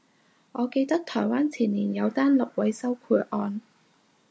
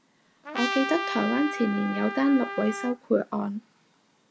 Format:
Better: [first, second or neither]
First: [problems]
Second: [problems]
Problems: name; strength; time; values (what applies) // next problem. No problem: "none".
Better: first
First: none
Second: background sound (Trumpet); 6 dB below the speech